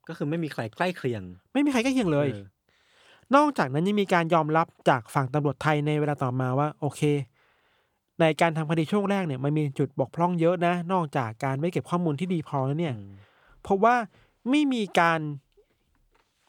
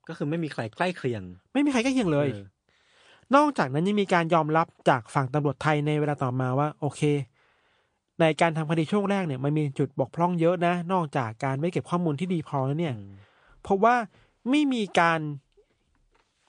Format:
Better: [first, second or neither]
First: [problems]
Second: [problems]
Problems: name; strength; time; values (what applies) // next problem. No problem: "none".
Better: first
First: none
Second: garbled, watery; slightly; nothing above 9 kHz